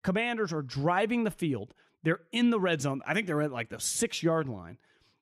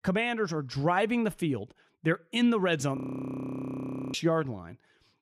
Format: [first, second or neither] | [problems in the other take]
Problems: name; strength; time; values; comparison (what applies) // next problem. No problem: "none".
first | audio freezing; at 3 s for 1 s